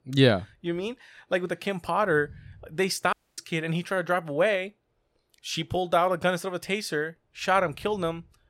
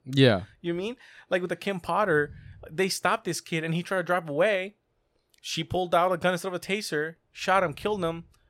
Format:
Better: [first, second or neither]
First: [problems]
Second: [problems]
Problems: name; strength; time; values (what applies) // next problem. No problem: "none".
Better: second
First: audio cutting out; at 3 s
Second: none